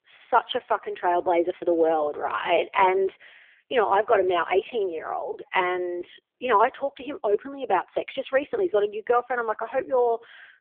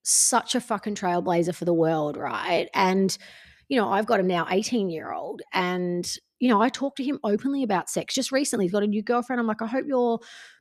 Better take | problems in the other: second | phone-call audio; poor line; nothing above 3.5 kHz

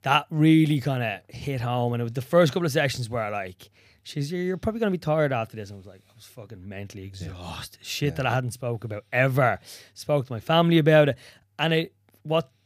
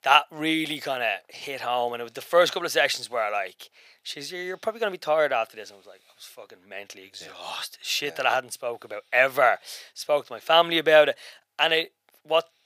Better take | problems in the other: first | thin; very; fading below 650 Hz

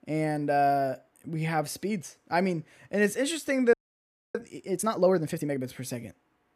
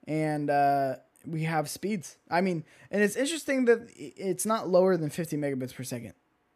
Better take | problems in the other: second | audio freezing; at 3.5 s for 0.5 s

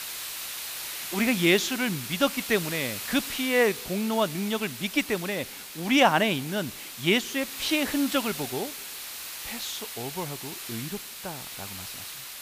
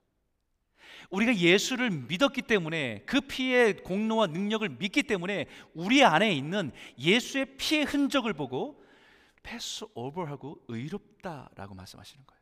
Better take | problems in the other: second | hiss; loud; throughout; 8 dB below the speech

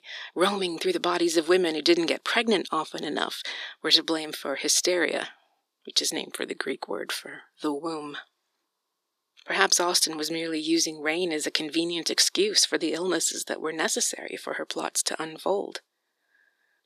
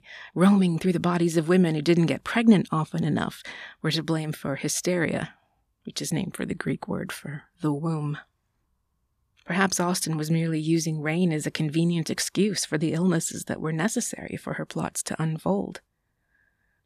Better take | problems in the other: second | thin; very; fading below 350 Hz

